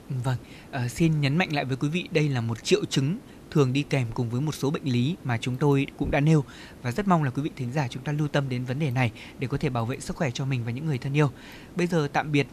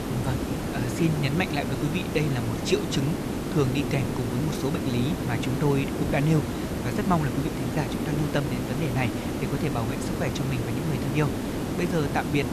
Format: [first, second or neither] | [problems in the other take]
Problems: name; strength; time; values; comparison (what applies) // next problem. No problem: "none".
first | hiss; loud; throughout; 1 dB below the speech; faint in the first